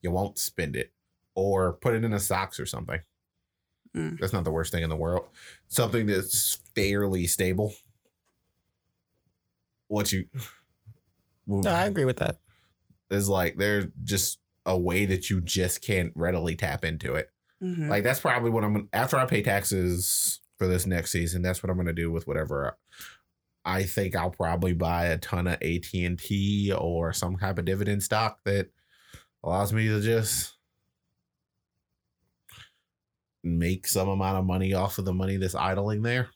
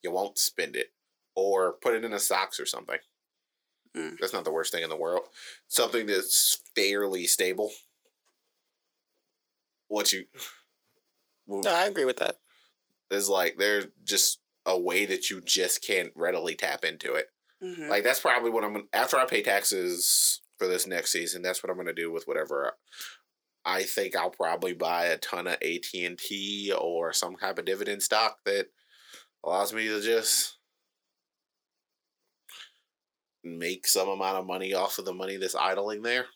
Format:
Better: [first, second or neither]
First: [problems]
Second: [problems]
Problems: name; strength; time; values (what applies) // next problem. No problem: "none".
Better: first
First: none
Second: thin; very; fading below 300 Hz